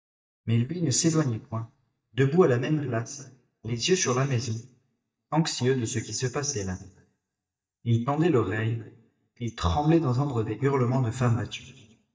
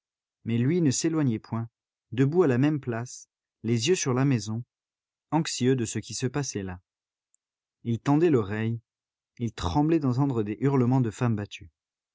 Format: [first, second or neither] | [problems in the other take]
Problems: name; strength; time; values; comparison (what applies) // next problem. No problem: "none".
second | noise reduction (neural mask model DeepFilterNet 3)